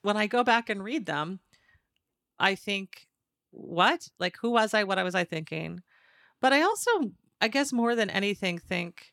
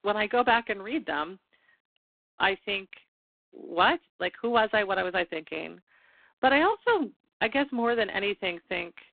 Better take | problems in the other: first | phone-call audio; poor line; nothing above 4 kHz

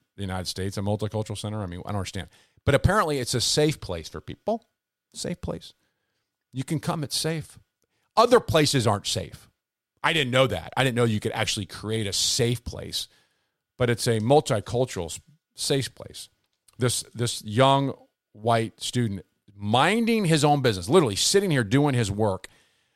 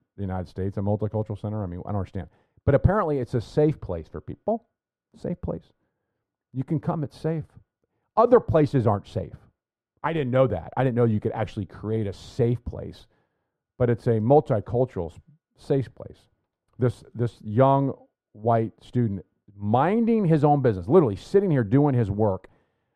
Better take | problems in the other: first | muffled; very; fading above 2 kHz

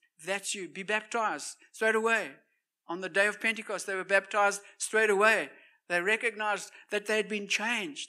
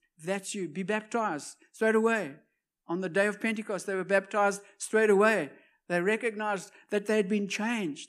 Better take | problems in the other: second | thin; somewhat; fading below 800 Hz

